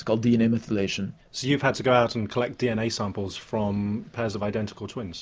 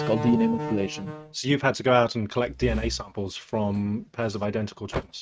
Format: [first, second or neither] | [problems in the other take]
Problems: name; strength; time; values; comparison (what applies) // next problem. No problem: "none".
first | noise reduction (neural mask model RNNoise)